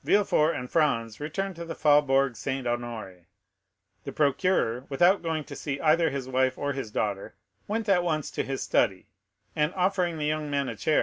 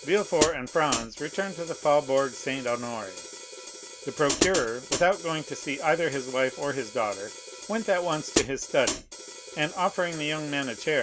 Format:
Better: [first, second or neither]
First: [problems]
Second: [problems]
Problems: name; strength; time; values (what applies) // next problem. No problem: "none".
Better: first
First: none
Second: background sound (Hi-hat); 7 dB below the speech